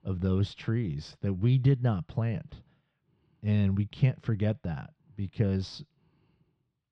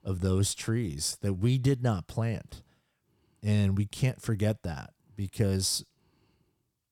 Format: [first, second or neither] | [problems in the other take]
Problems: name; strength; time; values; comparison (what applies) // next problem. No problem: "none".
second | muffled; slightly; fading above 3.5 kHz